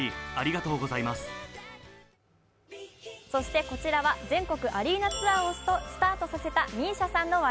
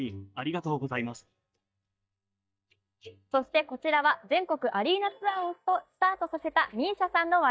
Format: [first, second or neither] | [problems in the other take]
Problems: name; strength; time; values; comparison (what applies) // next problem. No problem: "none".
first | noise reduction (neural mask model DeepFilterNet 3)